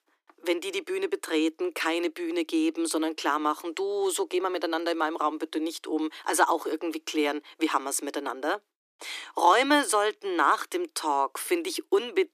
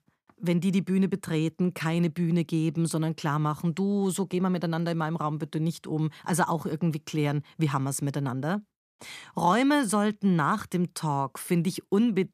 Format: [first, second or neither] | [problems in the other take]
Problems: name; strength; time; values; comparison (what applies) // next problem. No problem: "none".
second | thin; very; fading below 300 Hz